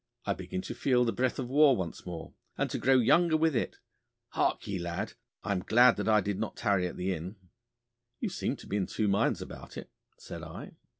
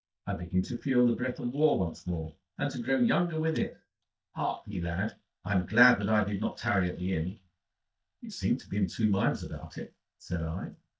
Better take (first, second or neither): first